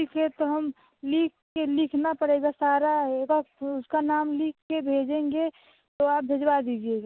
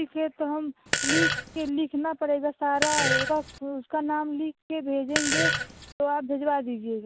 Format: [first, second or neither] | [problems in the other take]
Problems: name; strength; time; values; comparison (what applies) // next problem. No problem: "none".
first | background sound (Fart); 2 dB above the speech